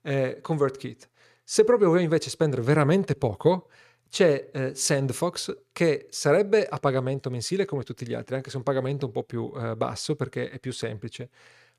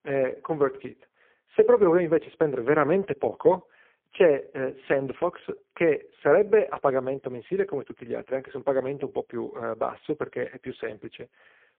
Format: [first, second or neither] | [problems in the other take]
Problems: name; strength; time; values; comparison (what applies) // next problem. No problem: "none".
first | phone-call audio; poor line